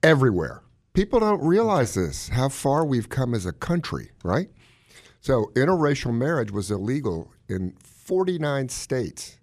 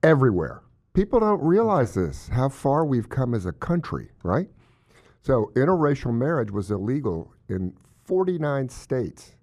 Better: first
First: none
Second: muffled; slightly; fading above 1.5 kHz

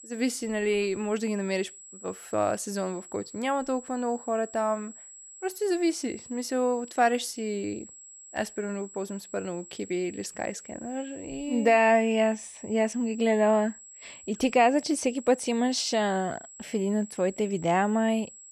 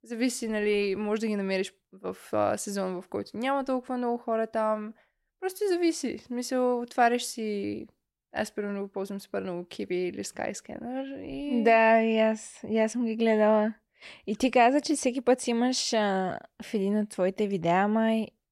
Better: second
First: high-pitched whine; noticeable; throughout; 7.5 kHz, 15 dB below the speech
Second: none

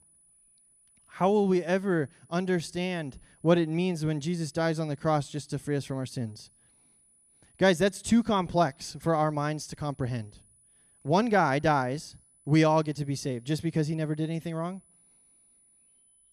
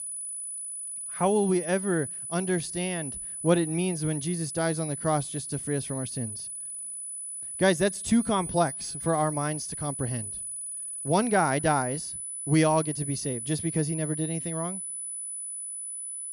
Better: first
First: high-pitched whine; faint; throughout; 10 kHz, 30 dB below the speech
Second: high-pitched whine; loud; throughout; 10 kHz, 6 dB below the speech

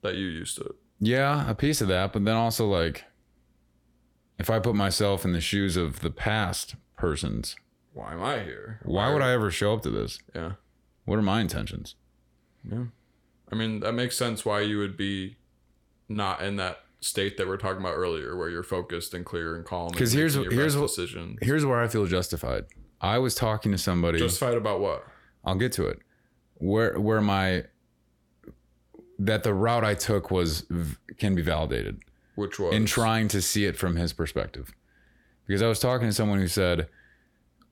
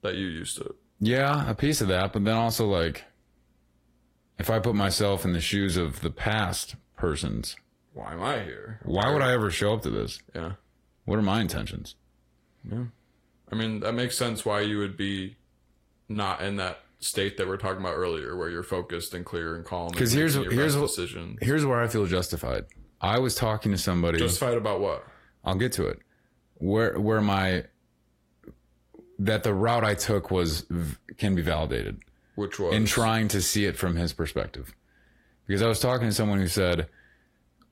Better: first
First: none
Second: garbled, watery; slightly; nothing above 14.5 kHz

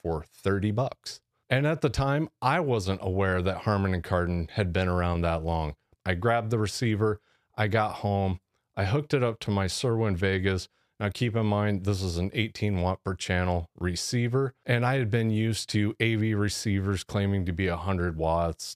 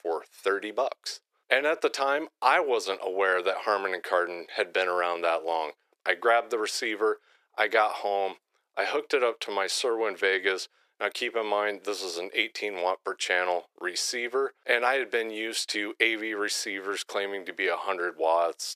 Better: first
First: none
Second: thin; very; fading below 350 Hz

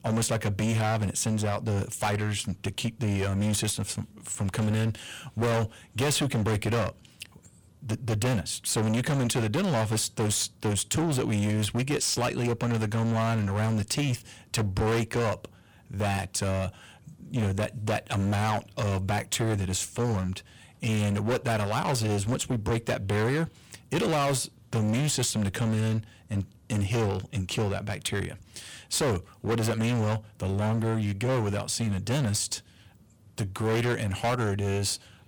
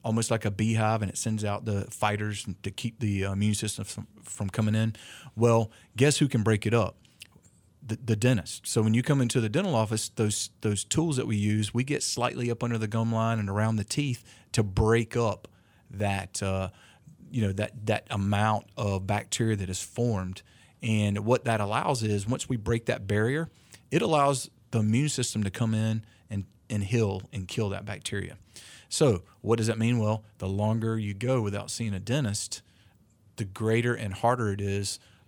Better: second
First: distortion; heavy; 21% of the sound clipped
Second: none

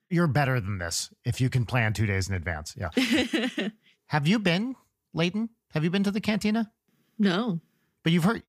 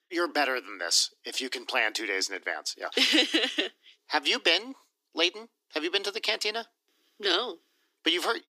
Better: first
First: none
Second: thin; very; fading below 300 Hz

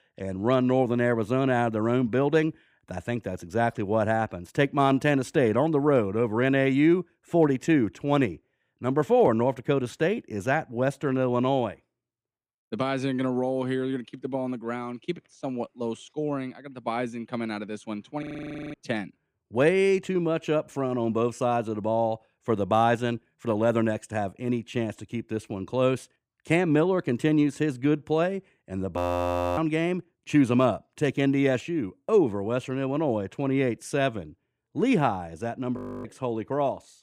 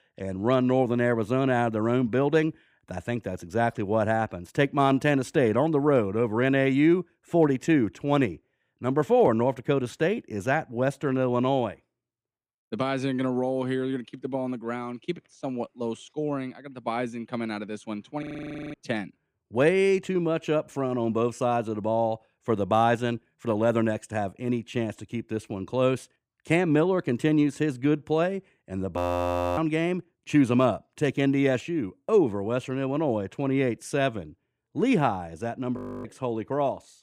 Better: neither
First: audio freezing; at 18 s for 0.5 s, at 29 s for 0.5 s and at 36 s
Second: audio freezing; at 18 s for 0.5 s, at 29 s for 0.5 s and at 36 s

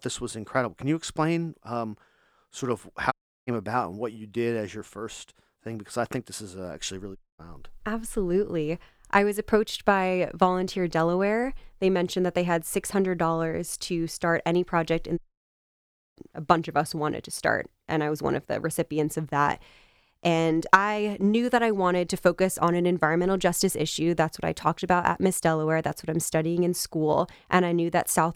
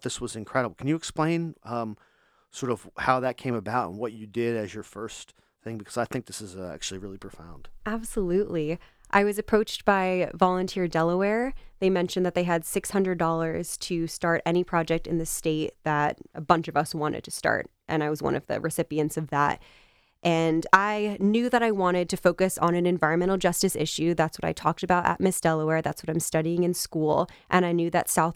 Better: second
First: audio cutting out; at 3 s, at 7 s and at 15 s for 1 s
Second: none

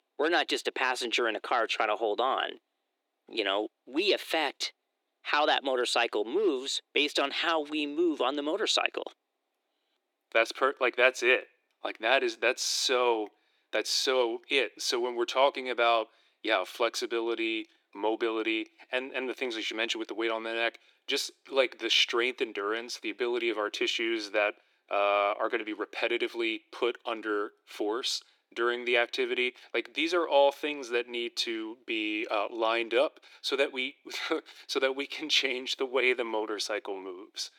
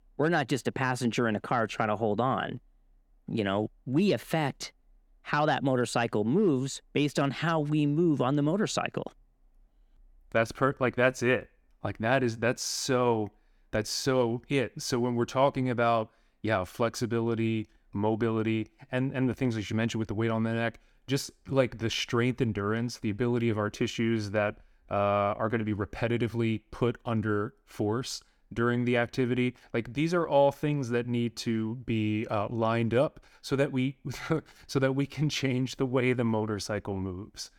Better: second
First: thin; very; fading below 350 Hz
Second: none

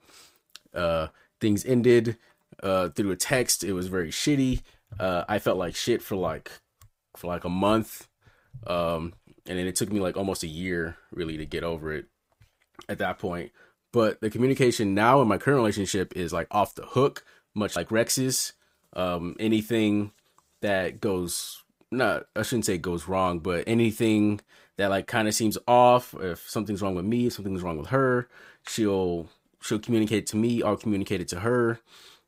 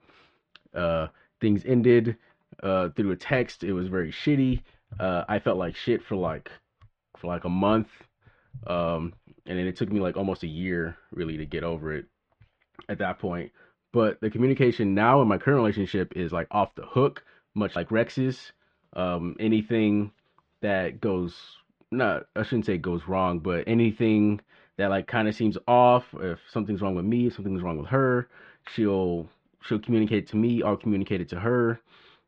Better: first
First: none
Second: muffled; very; fading above 3 kHz

